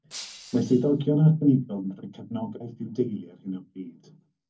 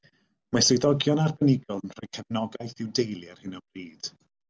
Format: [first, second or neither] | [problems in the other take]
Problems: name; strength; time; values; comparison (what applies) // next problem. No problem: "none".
second | background sound (Shatter); 18 dB below the speech // room echo; dies away in 0.3 s